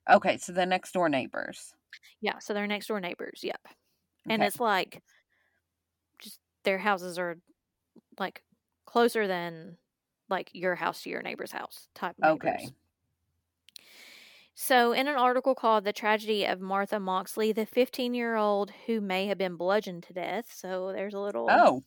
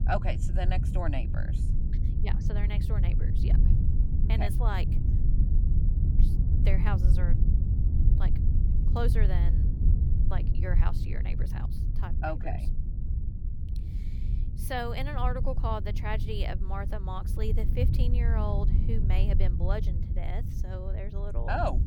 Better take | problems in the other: first | low rumble; loud; throughout; 7 dB below the speech

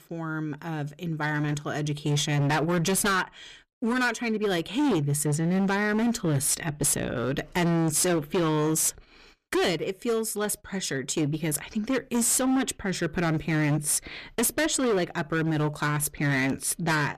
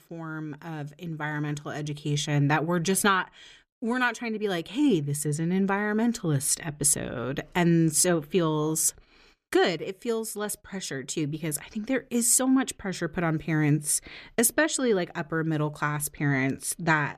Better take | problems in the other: second | distortion; heavy; 17% of the sound clipped

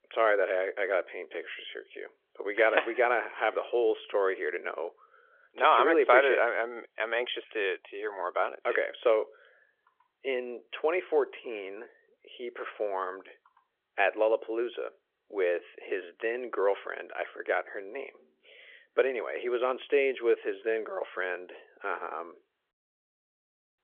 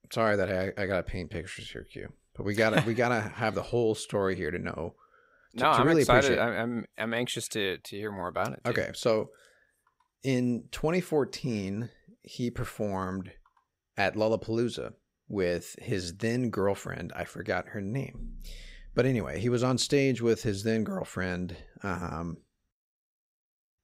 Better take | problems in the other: second | phone-call audio; nothing above 3.5 kHz

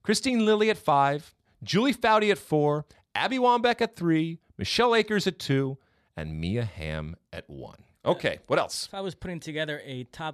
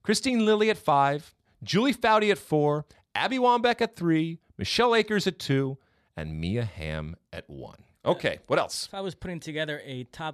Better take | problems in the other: neither | none

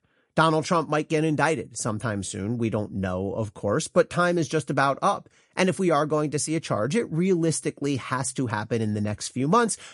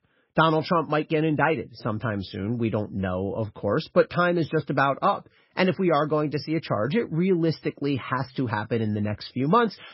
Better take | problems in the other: first | garbled, watery; badly; nothing above 5.5 kHz; slightly in the first

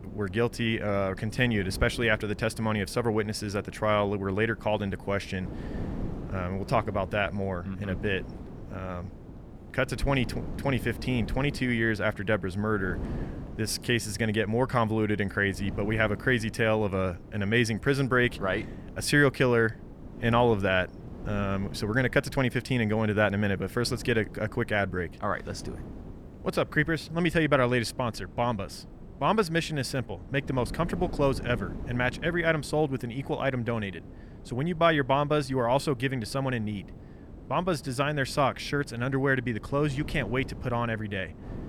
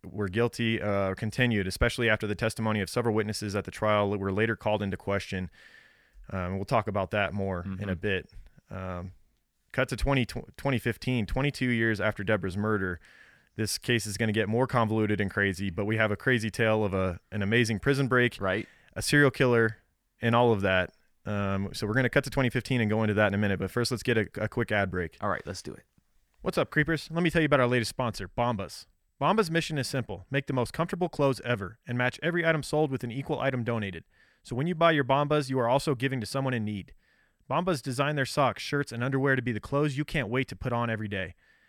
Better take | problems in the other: second | wind noise on the microphone; occasional gusts; 20 dB below the speech

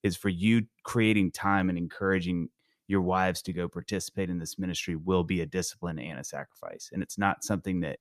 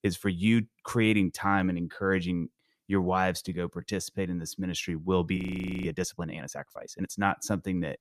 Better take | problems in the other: first | audio freezing; at 5.5 s

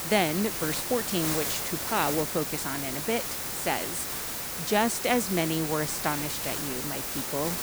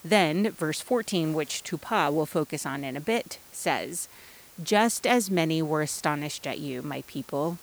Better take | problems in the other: second | hiss; loud; throughout; 1 dB below the speech; faint in the second

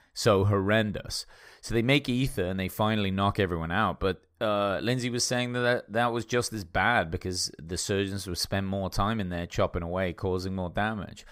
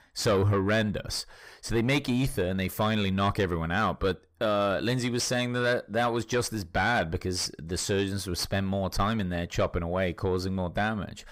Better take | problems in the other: first | distortion; slight; 10 dB below the speech

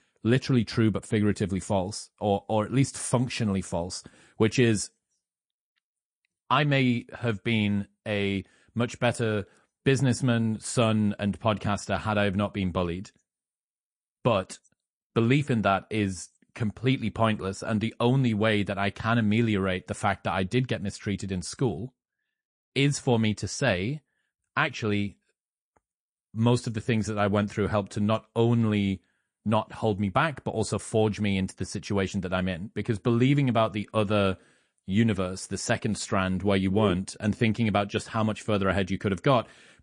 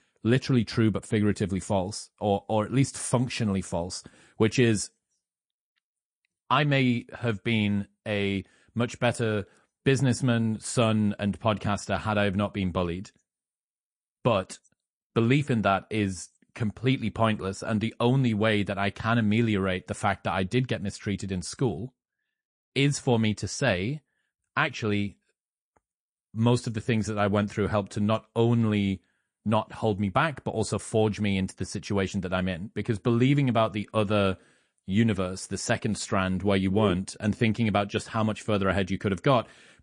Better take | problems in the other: neither | garbled, watery; slightly; the same in both

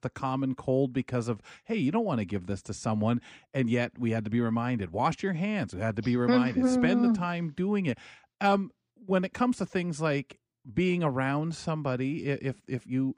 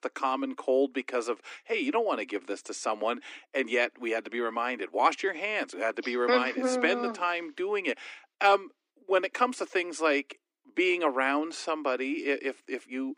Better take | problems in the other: first | thin; somewhat; fading below 300 Hz

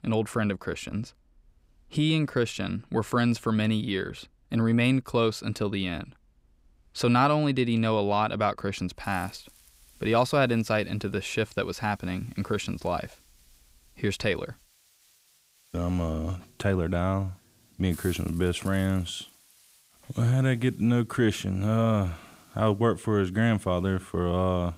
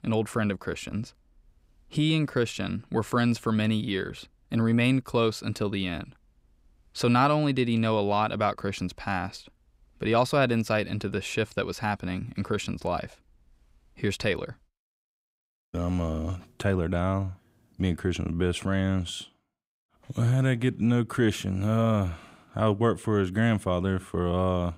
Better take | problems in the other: second | hiss; faint; from 9 s on; 25 dB below the speech

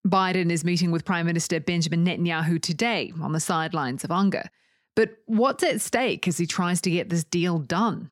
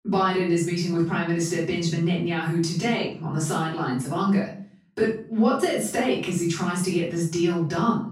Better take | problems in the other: first | off-mic speech; far // room echo; noticeable; dies away in 0.5 s

